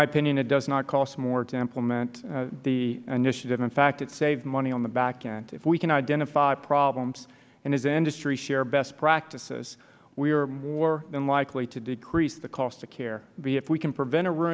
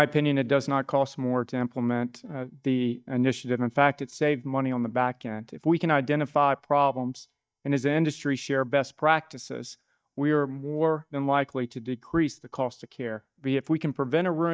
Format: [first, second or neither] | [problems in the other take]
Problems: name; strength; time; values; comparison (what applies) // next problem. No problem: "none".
first | noise reduction (neural mask model DeepFilterNet 3)